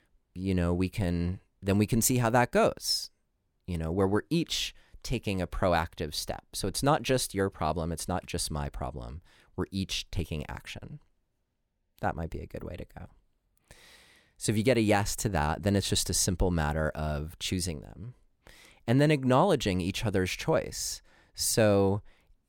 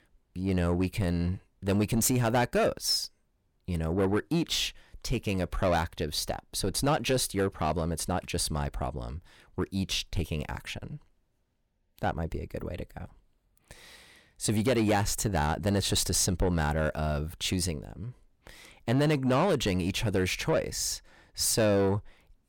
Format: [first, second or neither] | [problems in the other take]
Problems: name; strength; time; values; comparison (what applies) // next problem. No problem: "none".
first | distortion; slight; 10 dB below the speech